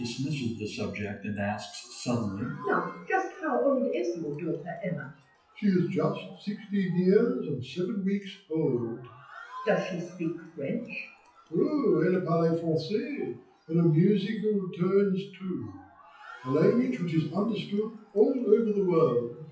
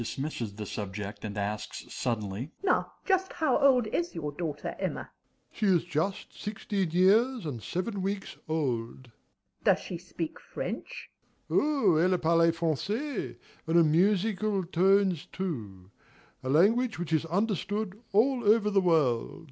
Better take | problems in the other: second | noise reduction (classical method WPE with log-MMSE)

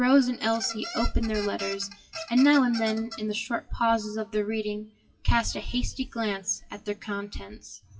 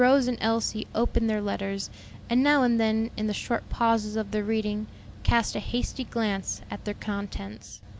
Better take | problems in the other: second | noise reduction (classical method WPE with log-MMSE)

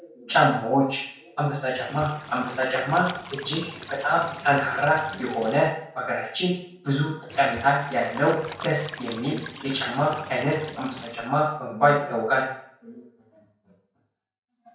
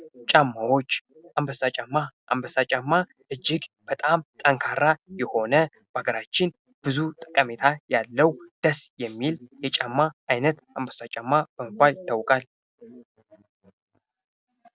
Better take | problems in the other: second | background sound (Cricket / Water); 14 dB below the speech // room echo; dies away in 0.5 s

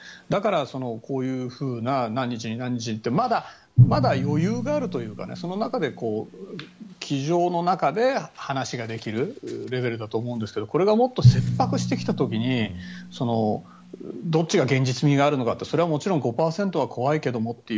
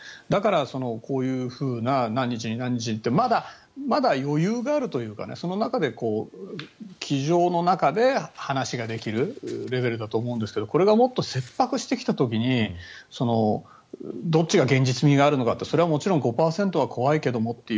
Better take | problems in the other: second | background sound (Drum); 5 dB below the speech

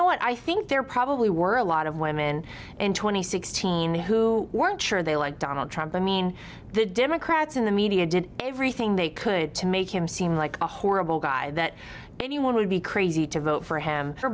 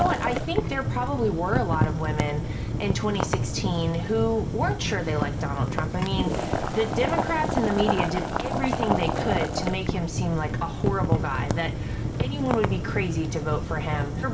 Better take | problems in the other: first | background sound (Boiling); 1 dB above the speech // room echo; dies away in 3 s

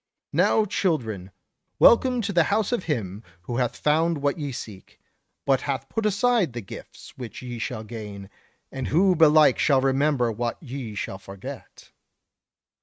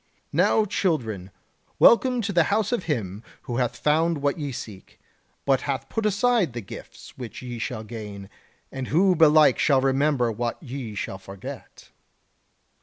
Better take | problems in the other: second | noise reduction (neural mask model RNNoise)

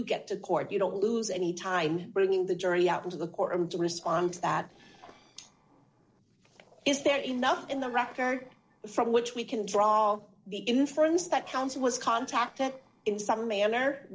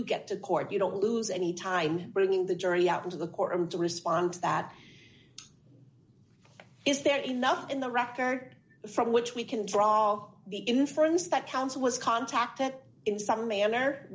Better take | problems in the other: second | noise reduction (neural separator model SepFormer DNS4)

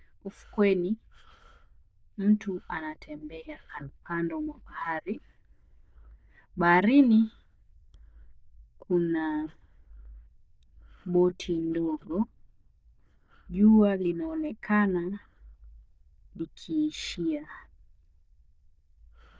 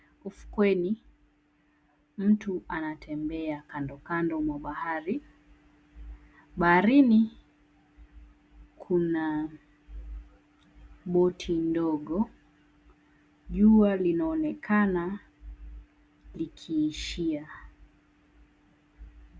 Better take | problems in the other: second | noise reduction (neural diffusion model UNIVERSE++)

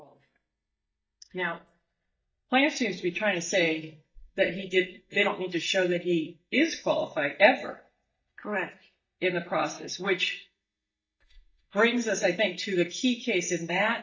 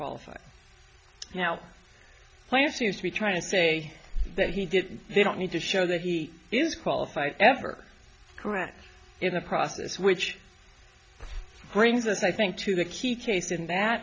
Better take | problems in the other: second | noise reduction (neural mask model DeepFilterNet 3)

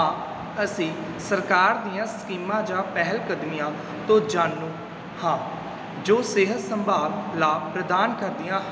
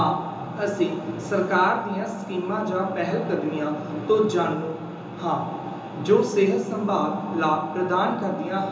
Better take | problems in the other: first | room echo; dies away in 0.6 s

